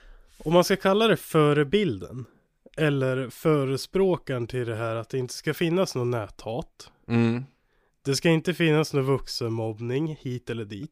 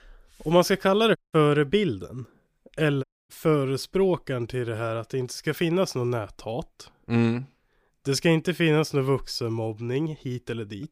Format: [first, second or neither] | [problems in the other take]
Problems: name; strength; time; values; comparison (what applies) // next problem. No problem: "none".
first | audio cutting out; at 1 s and at 3 s